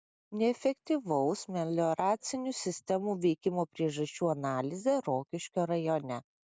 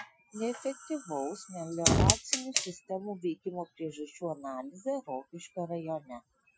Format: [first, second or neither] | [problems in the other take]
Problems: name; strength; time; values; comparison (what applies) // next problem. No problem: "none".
first | noise reduction (classical method Wiener filter)